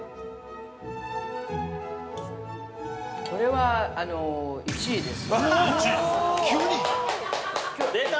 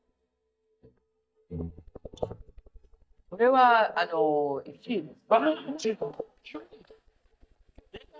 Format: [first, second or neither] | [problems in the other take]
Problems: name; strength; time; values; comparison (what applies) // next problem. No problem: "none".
first | noise reduction (neural mask model DeepFilterNet 3)